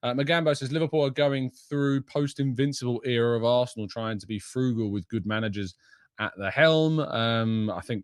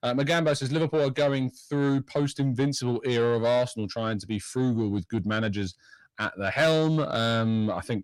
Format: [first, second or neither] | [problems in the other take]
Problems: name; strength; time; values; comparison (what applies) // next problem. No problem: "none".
first | distortion; slight; 10 dB below the speech